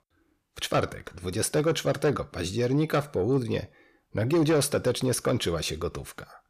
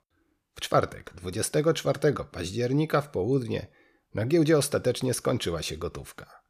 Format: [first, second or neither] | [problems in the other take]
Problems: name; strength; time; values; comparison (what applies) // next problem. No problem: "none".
second | distortion; slight; 10 dB below the speech